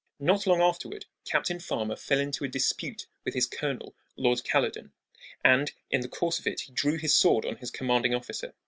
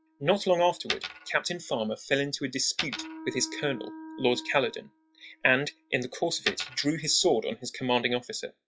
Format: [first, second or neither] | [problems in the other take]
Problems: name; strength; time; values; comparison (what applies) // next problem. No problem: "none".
first | noise reduction (classical method log-MMSE)